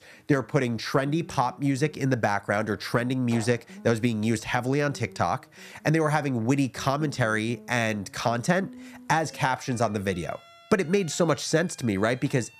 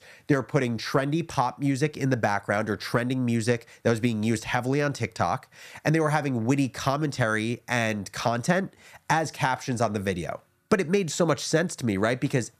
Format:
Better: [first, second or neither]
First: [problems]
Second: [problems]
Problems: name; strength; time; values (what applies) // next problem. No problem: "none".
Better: second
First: background music; faint; throughout; 25 dB below the speech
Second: none